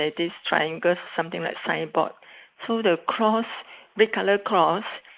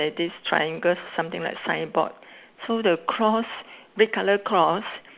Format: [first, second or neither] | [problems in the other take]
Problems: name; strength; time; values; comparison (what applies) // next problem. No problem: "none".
second | noise reduction (neural mask model Resemble Enhance denoiser)